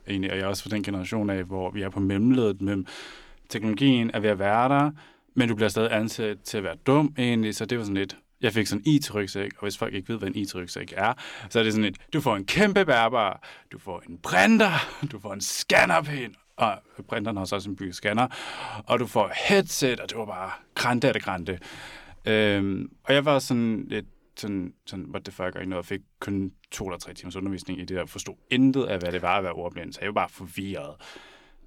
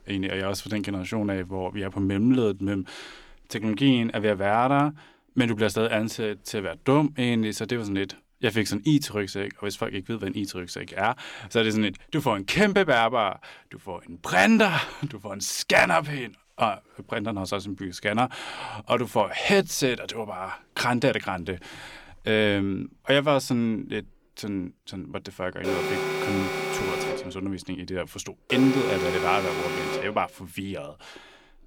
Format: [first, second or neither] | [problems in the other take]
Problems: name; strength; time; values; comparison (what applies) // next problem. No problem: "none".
first | alarm; noticeable; from 26 to 30 s; peak 1 dB below the speech